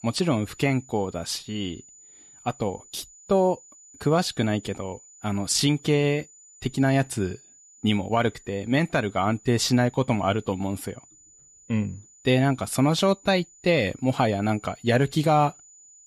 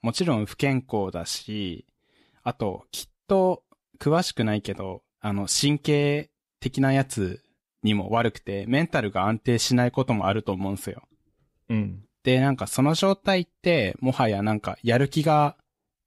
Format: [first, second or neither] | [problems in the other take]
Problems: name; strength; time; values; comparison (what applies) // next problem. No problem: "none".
second | high-pitched whine; faint; throughout; 7 kHz, 25 dB below the speech